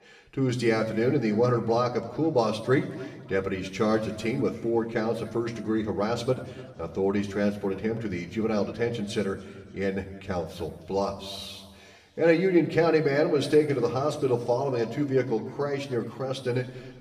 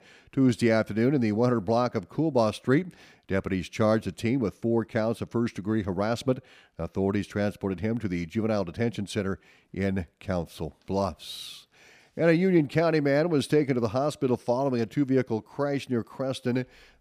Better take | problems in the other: second | room echo; noticeable; dies away in 1.4 s // off-mic speech; somewhat distant

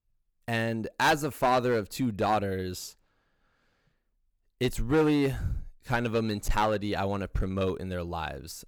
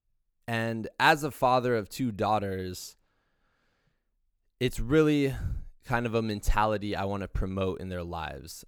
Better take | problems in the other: second | distortion; slight; 4% of the sound clipped

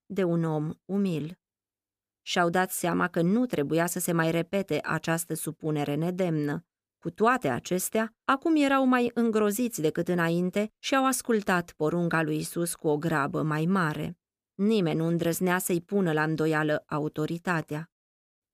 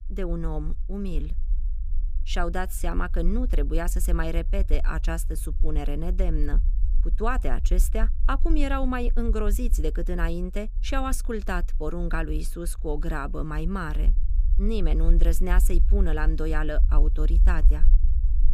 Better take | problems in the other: first | low rumble; noticeable; throughout; 20 dB below the speech

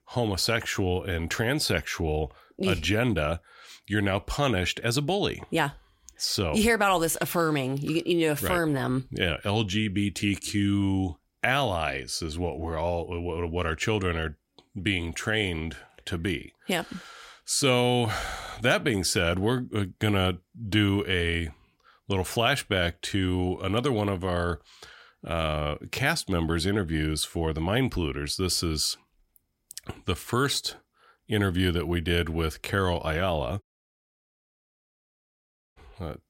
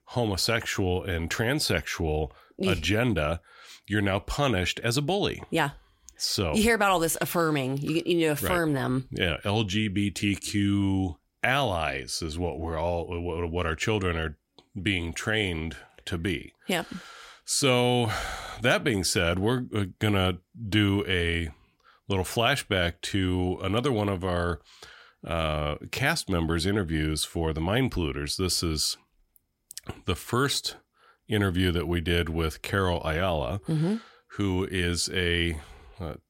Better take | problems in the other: second | audio cutting out; at 34 s for 2 s

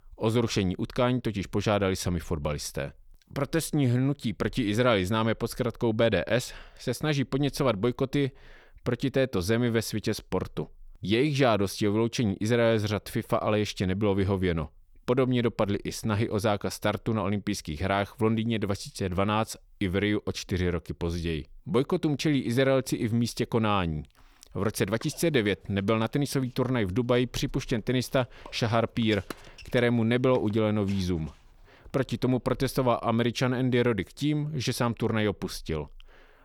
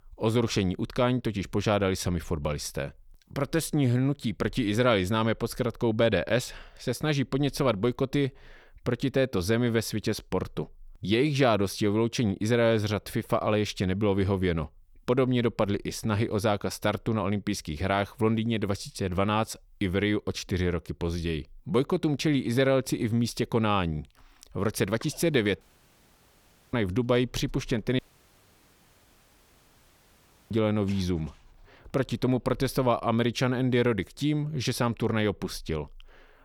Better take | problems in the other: first | audio cutting out; at 26 s for 1 s and at 28 s for 2.5 s

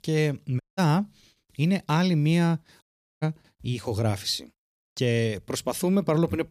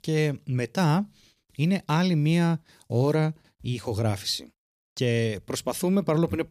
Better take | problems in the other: second | audio cutting out; at 0.5 s and at 3 s

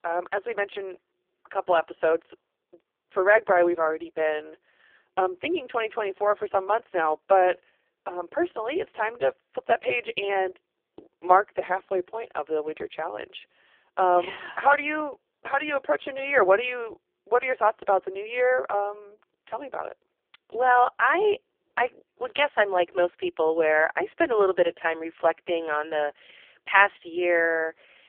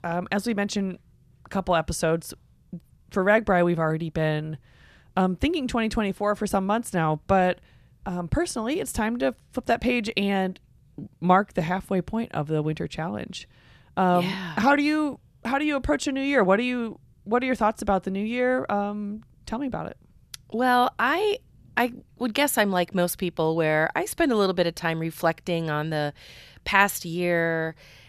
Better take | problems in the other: second | phone-call audio; poor line

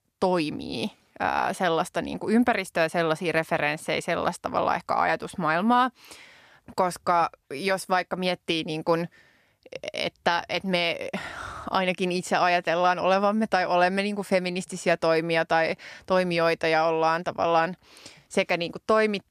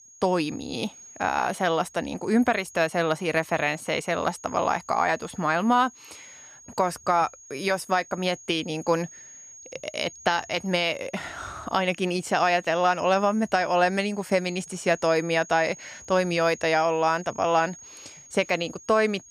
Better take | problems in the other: first | high-pitched whine; noticeable; throughout; 6.5 kHz, 20 dB below the speech

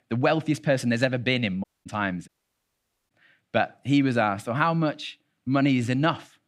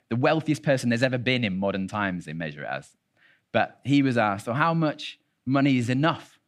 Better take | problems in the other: second | audio cutting out; at 1.5 s and at 2.5 s for 1 s

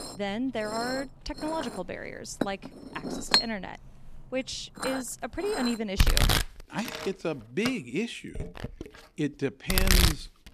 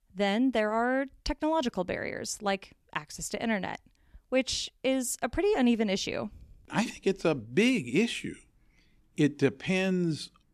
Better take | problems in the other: second | household noises; very loud; throughout; 4 dB above the speech

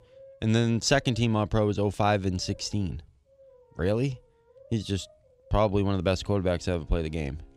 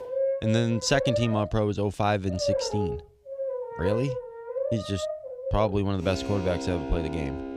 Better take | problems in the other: first | background music; loud; throughout; 5 dB below the speech; faint in the first

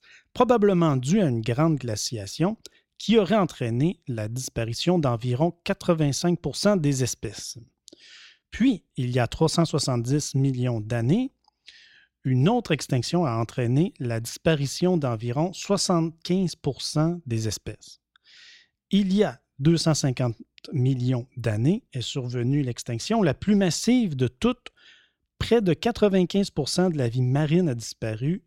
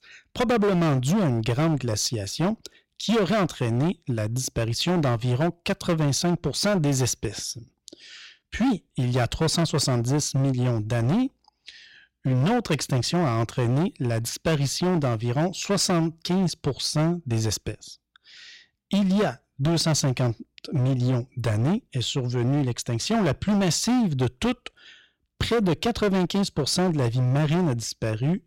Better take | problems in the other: first | distortion; heavy; 16% of the sound clipped

